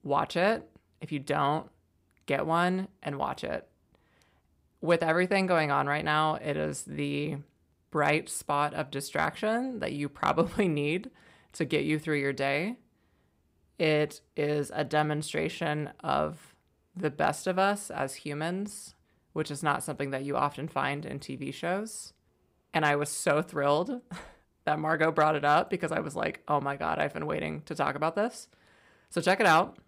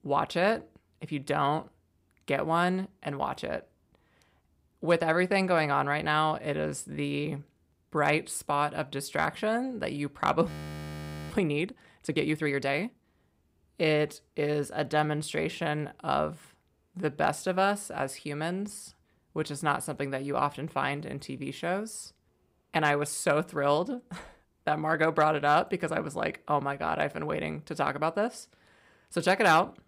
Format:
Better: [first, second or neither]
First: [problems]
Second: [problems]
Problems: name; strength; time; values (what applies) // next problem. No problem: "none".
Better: first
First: none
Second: audio freezing; at 10 s for 1 s